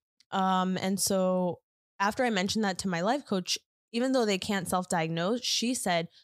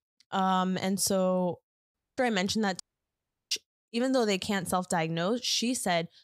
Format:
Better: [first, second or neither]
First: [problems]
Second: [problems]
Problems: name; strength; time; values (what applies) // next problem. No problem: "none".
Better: first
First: none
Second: audio cutting out; at 2 s and at 3 s for 0.5 s